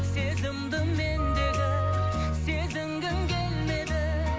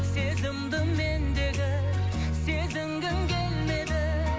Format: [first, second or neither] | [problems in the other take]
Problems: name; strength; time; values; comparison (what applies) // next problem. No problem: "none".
second | background sound (Wind instrument, woodwind instrument); 8 dB below the speech